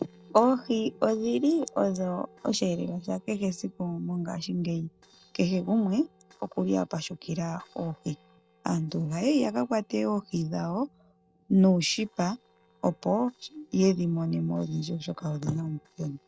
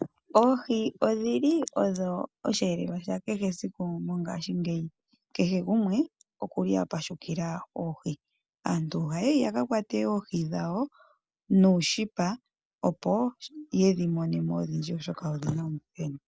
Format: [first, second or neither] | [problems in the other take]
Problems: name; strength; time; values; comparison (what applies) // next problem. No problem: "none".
second | noise reduction (neural separator model SepFormer DNS4)